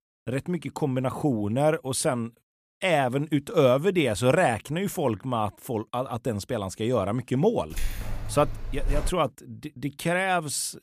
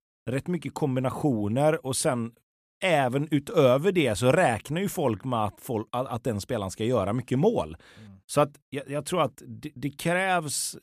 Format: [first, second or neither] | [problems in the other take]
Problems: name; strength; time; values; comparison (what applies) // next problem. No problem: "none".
second | jangling keys; noticeable; from 7.5 to 9 s; peak 7 dB below the speech